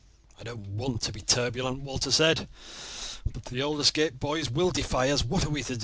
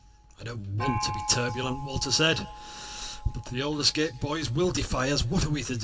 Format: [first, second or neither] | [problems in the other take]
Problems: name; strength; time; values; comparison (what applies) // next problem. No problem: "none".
first | background sound (Gong); 12 dB below the speech // room echo; dies away in 1.5 s